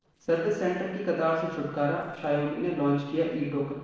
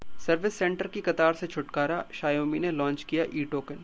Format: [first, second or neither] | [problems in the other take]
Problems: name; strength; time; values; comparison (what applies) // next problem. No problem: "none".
second | noise reduction (neural separator model SepFormer DNS4)